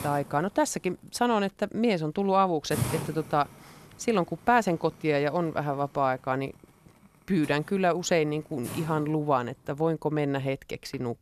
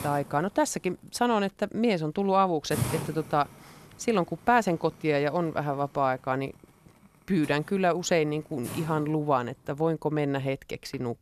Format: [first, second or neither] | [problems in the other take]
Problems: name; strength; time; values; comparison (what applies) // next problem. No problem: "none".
neither | hiss; noticeable; throughout; 10 dB below the speech; the same in both